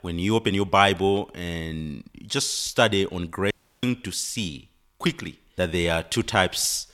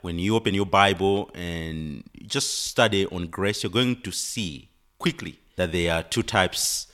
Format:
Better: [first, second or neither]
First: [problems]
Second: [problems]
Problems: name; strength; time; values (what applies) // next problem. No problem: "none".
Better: second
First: audio cutting out; at 3.5 s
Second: none